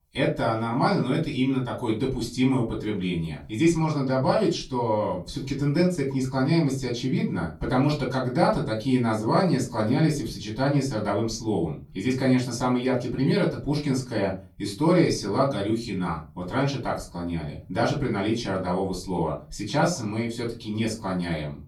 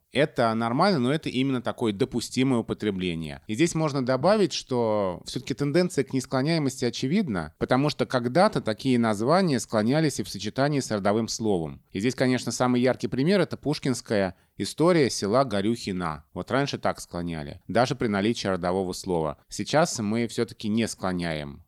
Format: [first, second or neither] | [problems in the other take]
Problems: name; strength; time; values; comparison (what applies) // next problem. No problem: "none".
second | off-mic speech; far // room echo; very slight; dies away in 0.3 s